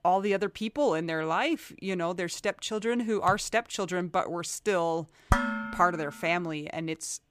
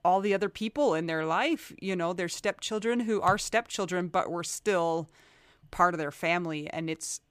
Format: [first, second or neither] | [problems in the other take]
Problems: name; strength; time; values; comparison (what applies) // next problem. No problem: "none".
second | clattering dishes; loud; at 5.5 s; peak 2 dB above the speech